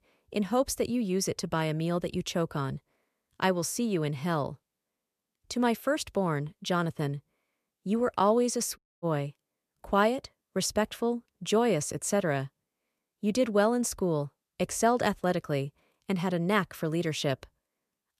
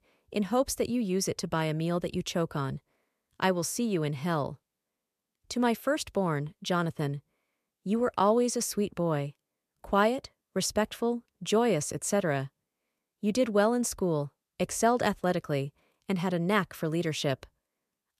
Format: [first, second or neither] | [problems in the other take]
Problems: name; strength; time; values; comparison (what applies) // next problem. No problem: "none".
second | audio cutting out; at 9 s